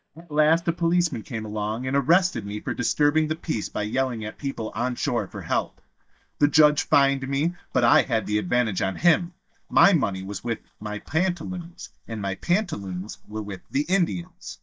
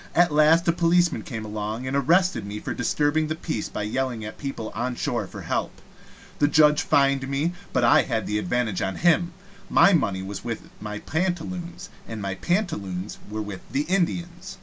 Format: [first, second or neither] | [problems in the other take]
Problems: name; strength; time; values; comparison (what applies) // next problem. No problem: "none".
second | noise reduction (neural mask model DeepFilterNet 3)